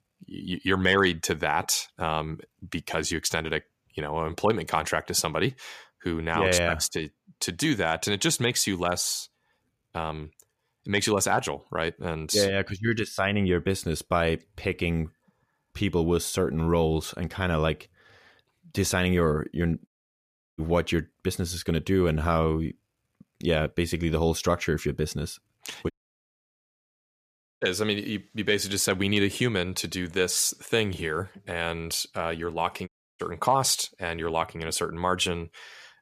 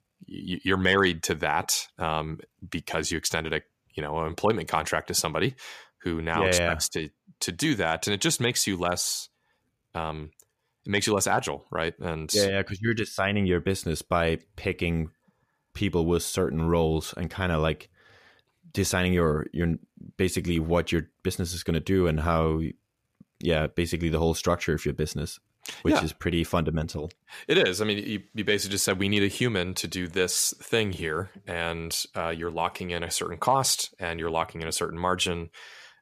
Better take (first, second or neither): second